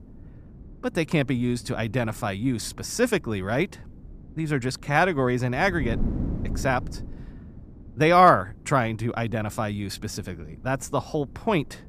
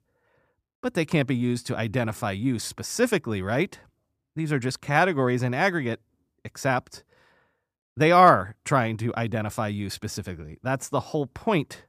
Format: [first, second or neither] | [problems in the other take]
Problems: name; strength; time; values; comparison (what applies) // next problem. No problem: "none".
second | wind noise on the microphone; occasional gusts; 25 dB below the speech